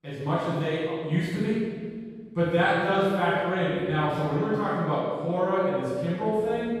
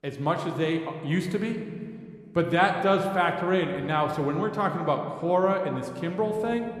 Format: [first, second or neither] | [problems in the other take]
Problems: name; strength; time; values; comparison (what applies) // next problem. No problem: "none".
second | room echo; strong; dies away in 1.5 s; slight in the second // off-mic speech; far